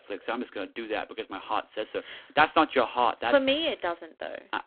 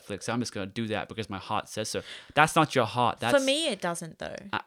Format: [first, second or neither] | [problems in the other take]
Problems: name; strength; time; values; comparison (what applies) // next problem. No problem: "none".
second | phone-call audio; poor line